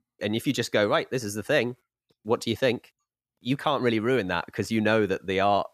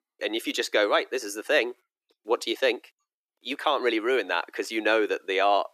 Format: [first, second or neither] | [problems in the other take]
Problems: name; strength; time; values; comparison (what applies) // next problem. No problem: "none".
first | thin; somewhat; fading below 300 Hz